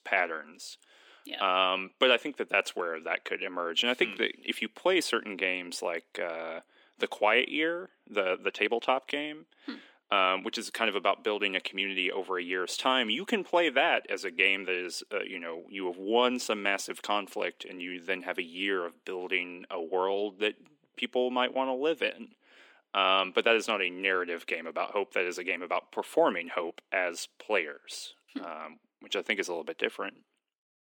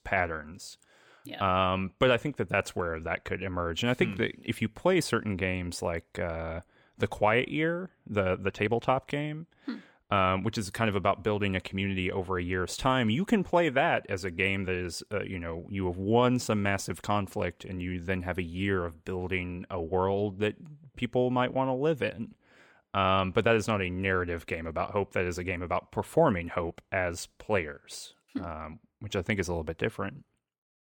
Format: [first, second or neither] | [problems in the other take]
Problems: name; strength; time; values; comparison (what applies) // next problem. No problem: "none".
second | thin; somewhat; fading below 250 Hz